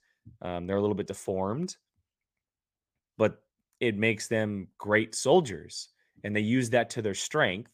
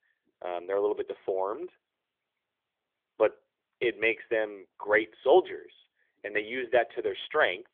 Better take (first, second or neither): first